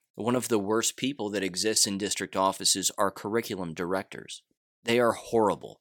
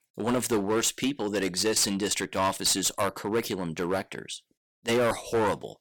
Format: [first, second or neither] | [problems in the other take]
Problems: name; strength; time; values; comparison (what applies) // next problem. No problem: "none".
first | distortion; heavy; 9% of the sound clipped